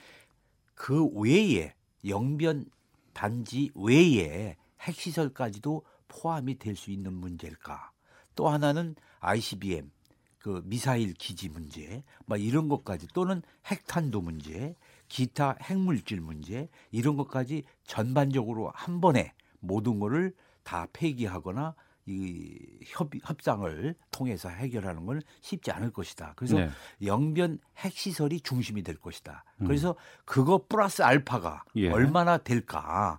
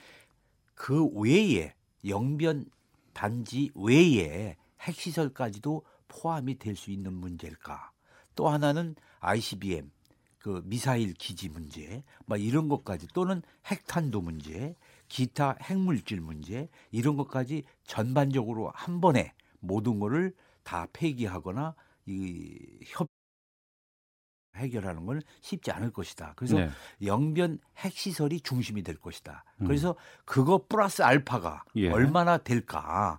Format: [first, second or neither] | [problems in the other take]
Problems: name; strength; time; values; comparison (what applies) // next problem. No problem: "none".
first | audio cutting out; at 23 s for 1.5 s